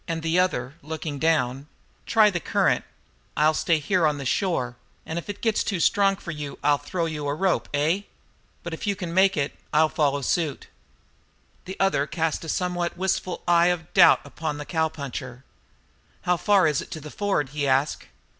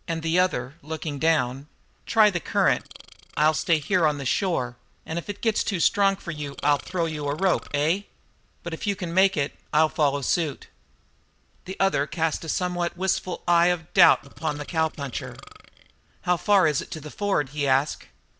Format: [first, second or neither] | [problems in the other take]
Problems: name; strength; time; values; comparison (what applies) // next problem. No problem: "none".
first | noise reduction (neural separator model SepFormer DNS4)